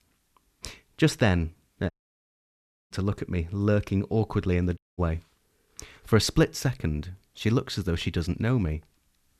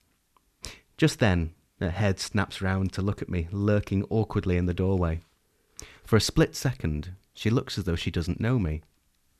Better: second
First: audio cutting out; at 2 s for 1 s and at 5 s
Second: none

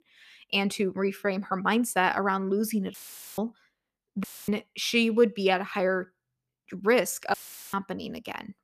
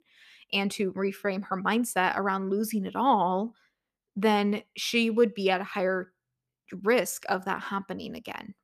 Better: second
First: audio cutting out; filled with static; at 3 s, at 4 s and at 7.5 s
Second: none

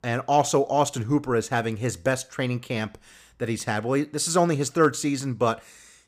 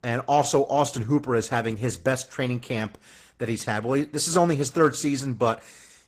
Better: first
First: none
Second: garbled, watery; slightly; nothing above 15 kHz

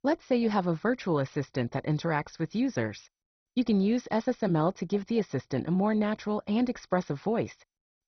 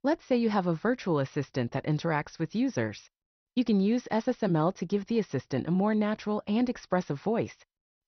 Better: second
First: garbled, watery; badly; nothing above 6 kHz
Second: garbled, watery; slightly; nothing above 6 kHz

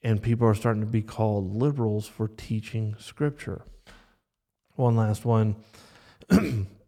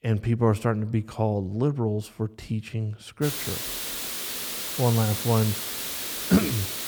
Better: first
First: none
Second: hiss; loud; from 3 s on; 3 dB below the speech

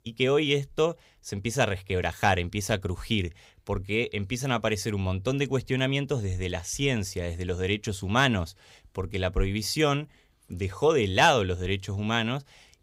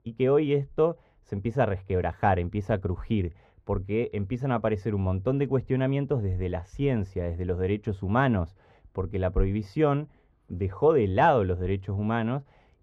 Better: first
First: none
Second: muffled; very; fading above 3 kHz

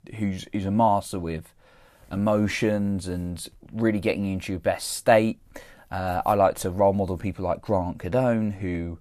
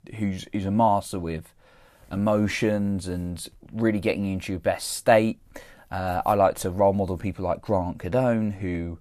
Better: neither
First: none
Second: none

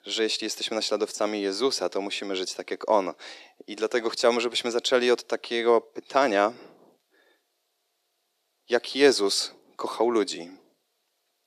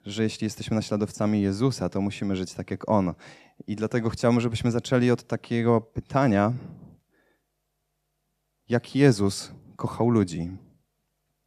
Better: second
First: thin; somewhat; fading below 350 Hz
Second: none

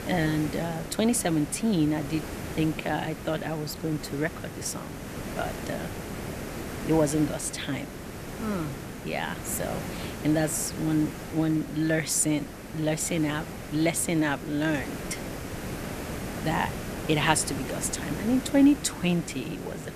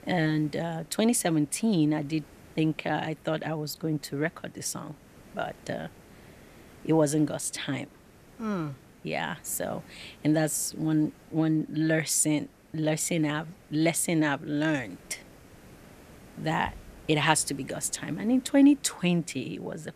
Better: second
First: hiss; loud; throughout; 9 dB below the speech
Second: hiss; faint; throughout; 25 dB below the speech

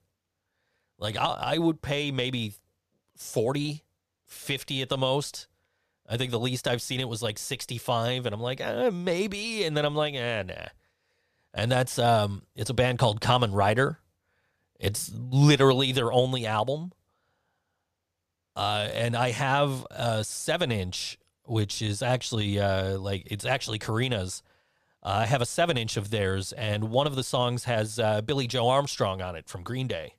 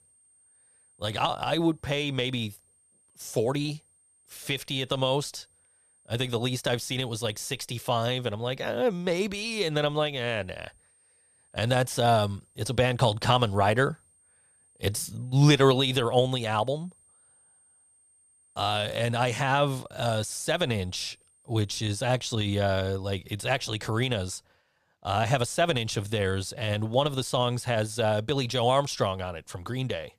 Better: first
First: none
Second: high-pitched whine; faint; until 7.5 s and from 10 to 22 s; 8.5 kHz, 35 dB below the speech

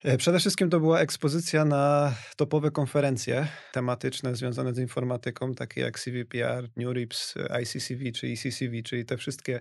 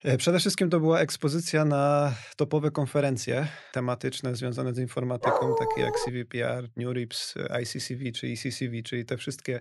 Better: first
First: none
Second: dog barking; loud; at 5 s; peak 3 dB above the speech

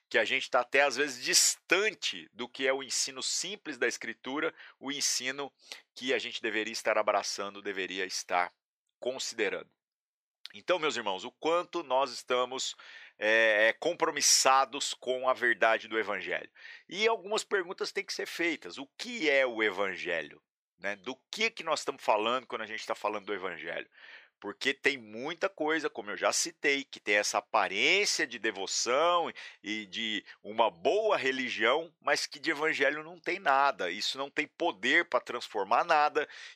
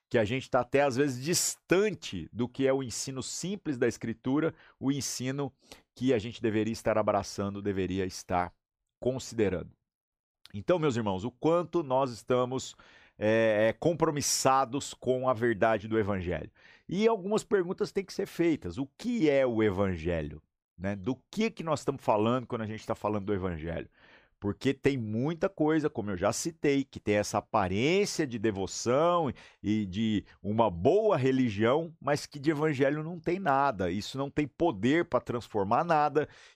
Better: second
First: thin; somewhat; fading below 500 Hz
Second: none

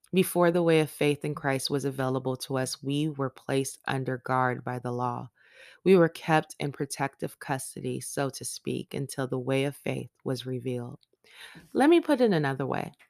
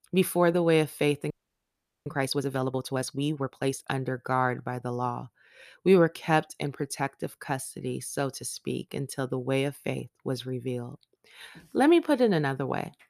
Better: first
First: none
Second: audio freezing; at 1.5 s for 1 s

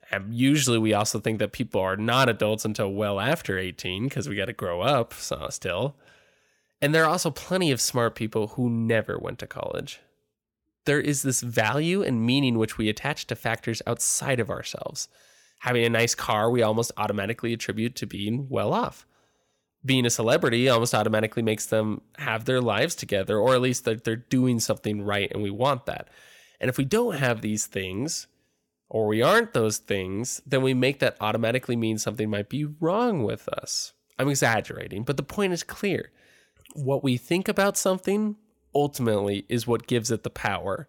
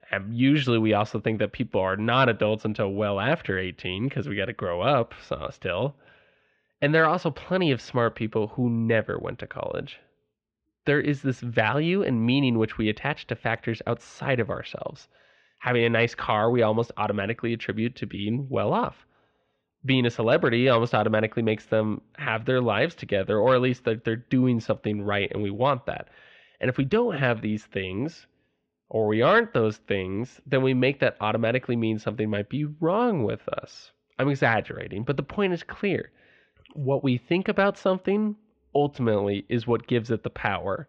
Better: first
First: none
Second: muffled; very; fading above 3.5 kHz

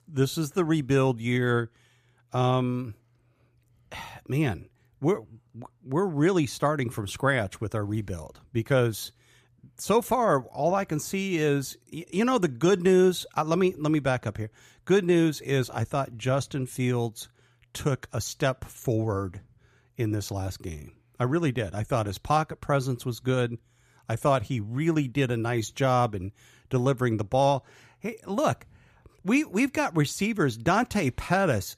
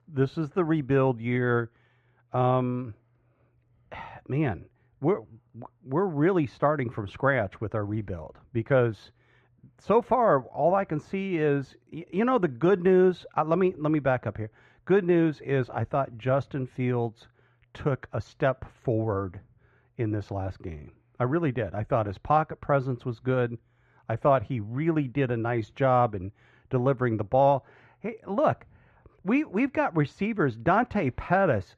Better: first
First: none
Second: muffled; very; fading above 2 kHz

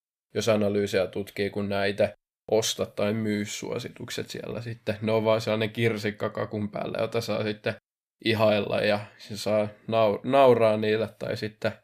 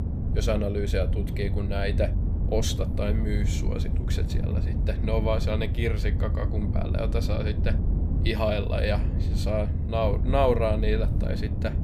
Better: first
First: none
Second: low rumble; loud; throughout; 10 dB below the speech

